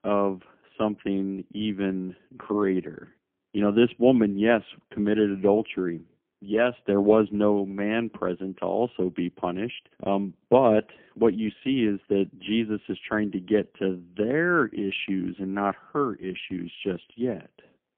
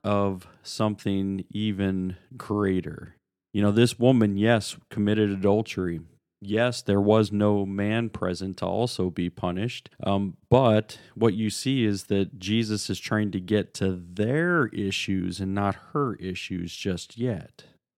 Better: second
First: phone-call audio; poor line; nothing above 3.5 kHz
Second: none

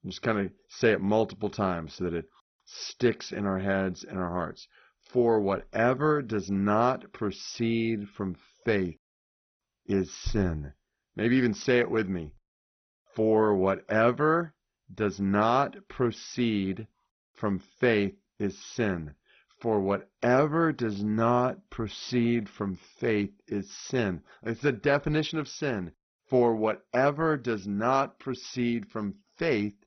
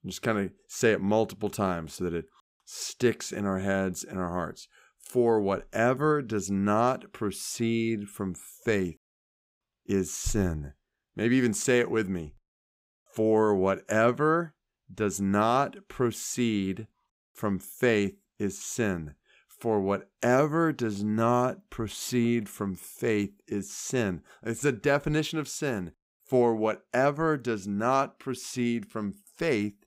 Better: second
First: garbled, watery; badly; nothing above 6 kHz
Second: none

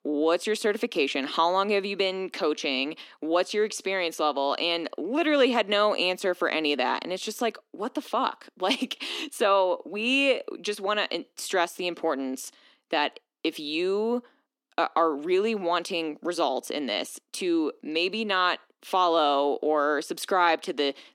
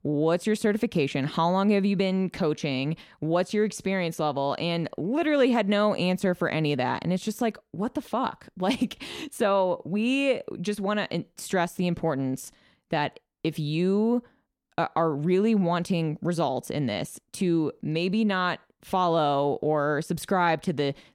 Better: second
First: thin; somewhat; fading below 250 Hz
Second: none

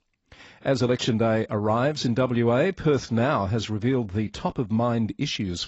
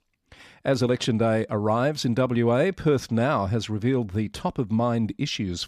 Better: second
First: garbled, watery; badly; nothing above 7.5 kHz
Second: none

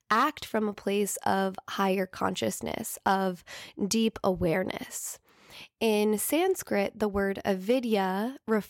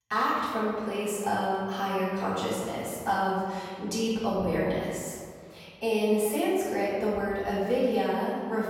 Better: first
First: none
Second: room echo; strong; dies away in 1.7 s // off-mic speech; far

